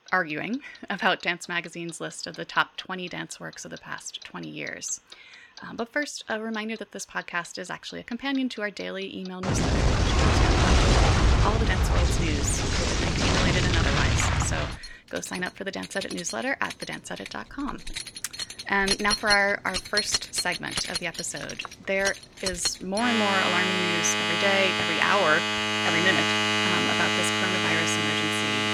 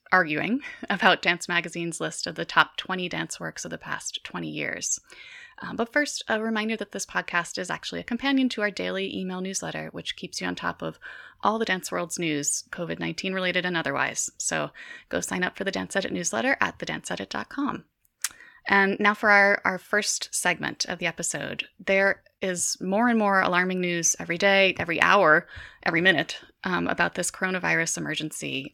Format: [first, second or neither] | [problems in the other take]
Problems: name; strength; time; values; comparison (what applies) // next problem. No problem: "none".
second | household noises; very loud; throughout; 4 dB above the speech